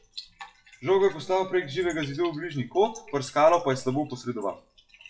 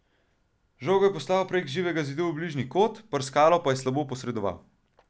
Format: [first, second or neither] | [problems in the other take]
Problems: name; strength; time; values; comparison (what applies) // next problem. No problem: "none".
second | noise reduction (classical method WPE with log-MMSE)